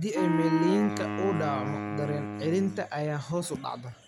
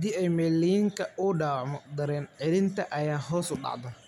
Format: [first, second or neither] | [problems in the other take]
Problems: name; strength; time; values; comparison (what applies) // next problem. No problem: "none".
second | background sound (Wind instrument, woodwind instrument); 3 dB below the speech